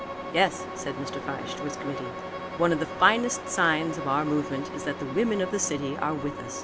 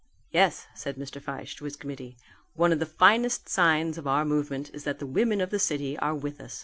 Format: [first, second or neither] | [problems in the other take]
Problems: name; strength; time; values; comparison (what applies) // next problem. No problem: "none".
second | background sound (Truck + Bowed string instrument); 7 dB below the speech